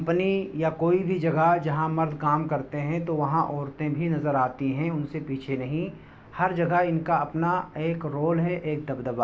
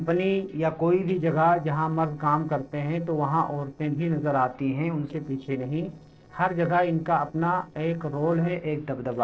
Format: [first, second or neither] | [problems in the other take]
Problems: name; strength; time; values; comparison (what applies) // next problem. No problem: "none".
first | noise reduction (neural separator model SepFormer DNS4)